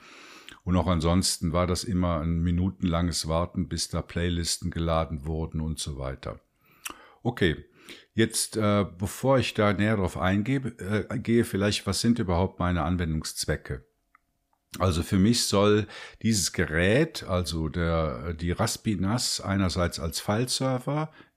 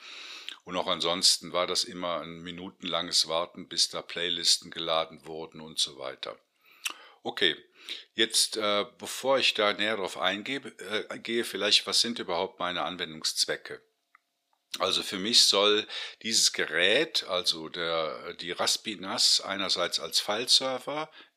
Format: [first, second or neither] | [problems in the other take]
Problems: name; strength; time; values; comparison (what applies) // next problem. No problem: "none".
first | thin; somewhat; fading below 450 Hz